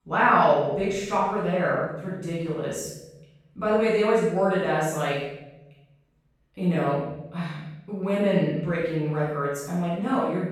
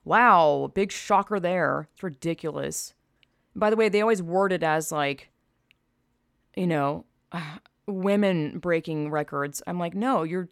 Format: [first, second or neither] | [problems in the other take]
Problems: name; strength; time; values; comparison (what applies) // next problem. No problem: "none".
second | off-mic speech; far // room echo; strong; dies away in 0.9 s